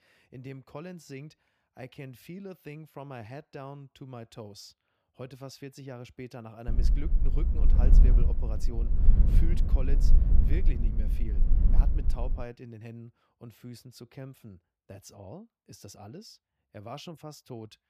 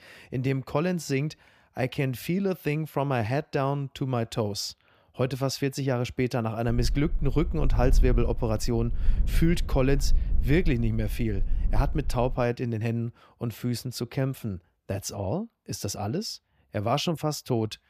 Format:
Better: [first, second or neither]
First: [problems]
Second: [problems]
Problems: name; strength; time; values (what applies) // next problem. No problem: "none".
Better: second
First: low rumble; loud; from 6.5 to 12 s; 1 dB below the speech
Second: low rumble; faint; from 6.5 to 12 s; 20 dB below the speech